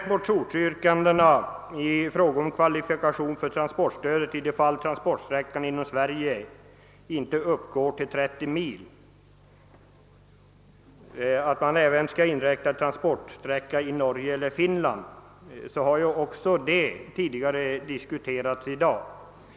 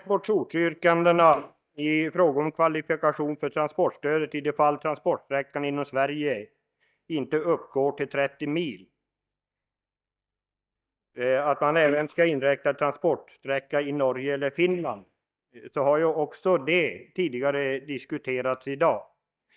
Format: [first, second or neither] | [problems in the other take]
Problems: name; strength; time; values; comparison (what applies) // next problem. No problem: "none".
first | noise reduction (neural mask model DeepFilterNet 3)